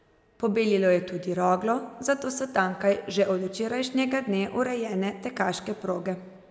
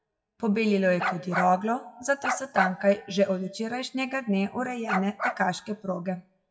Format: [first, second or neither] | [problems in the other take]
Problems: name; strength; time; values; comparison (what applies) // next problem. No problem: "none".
first | noise reduction (classical method WPE with log-MMSE)